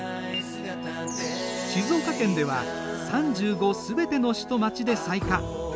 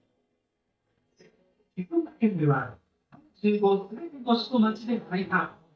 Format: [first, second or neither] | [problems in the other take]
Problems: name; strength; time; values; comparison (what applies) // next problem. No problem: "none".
first | noise reduction (neural mask model DeepFilterNet 3)